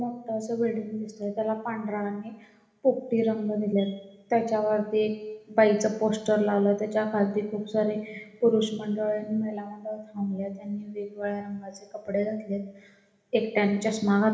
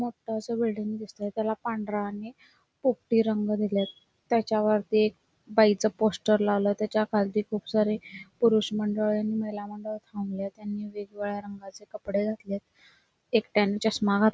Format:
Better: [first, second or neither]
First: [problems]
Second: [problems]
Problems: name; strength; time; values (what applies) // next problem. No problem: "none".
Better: second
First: room echo; dies away in 1 s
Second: none